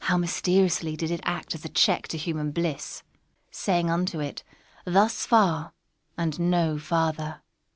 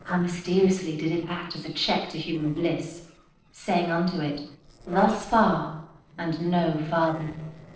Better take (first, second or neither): first